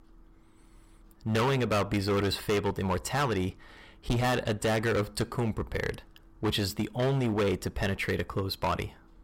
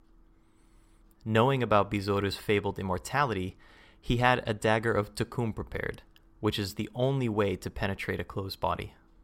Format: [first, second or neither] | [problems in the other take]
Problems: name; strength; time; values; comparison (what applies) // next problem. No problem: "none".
second | distortion; heavy; 11% of the sound clipped